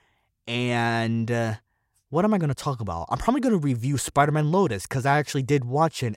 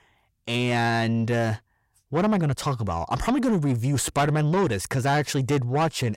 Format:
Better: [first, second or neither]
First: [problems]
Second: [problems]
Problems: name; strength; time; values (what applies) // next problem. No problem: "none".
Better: first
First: none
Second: distortion; slight; 10 dB below the speech